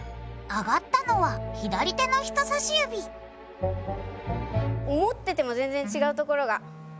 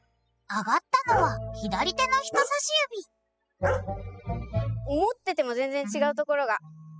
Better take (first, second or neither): first